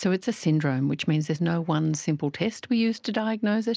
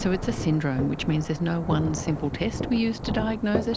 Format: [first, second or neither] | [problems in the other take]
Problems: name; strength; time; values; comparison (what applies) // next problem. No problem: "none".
first | background sound (Walk, footsteps + Thunder / Rain); 5 dB below the speech